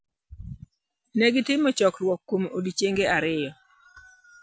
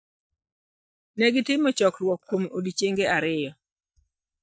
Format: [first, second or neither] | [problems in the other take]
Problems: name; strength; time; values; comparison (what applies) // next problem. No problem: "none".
first | noise reduction (neural mask model DeepFilterNet 3)